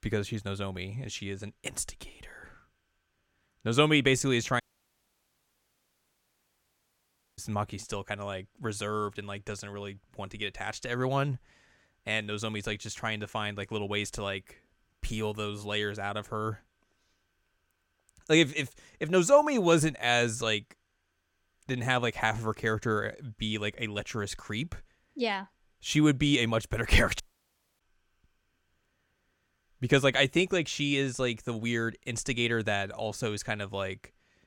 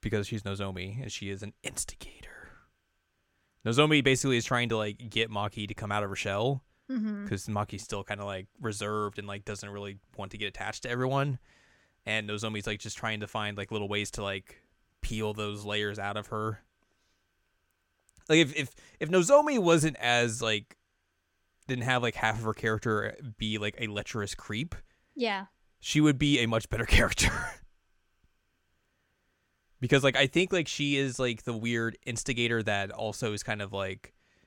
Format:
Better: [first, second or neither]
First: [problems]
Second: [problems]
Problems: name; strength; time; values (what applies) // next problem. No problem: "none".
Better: second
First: audio cutting out; at 4.5 s for 3 s and at 27 s for 0.5 s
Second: none